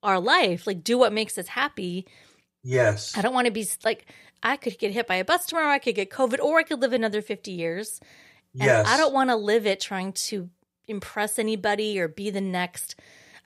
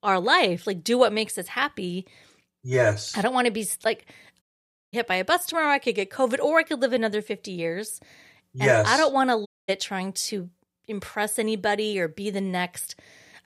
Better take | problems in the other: first | audio cutting out; at 4.5 s for 0.5 s and at 9.5 s

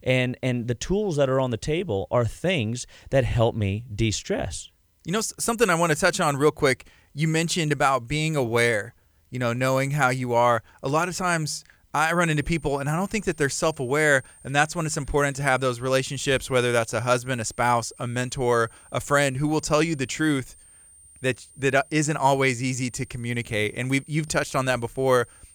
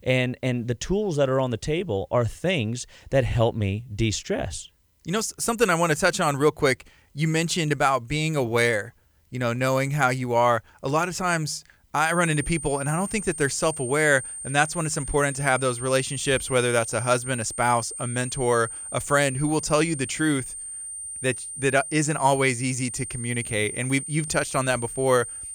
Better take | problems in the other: first | high-pitched whine; loud; from 12 s on; 9 kHz, 8 dB below the speech; faint in the first

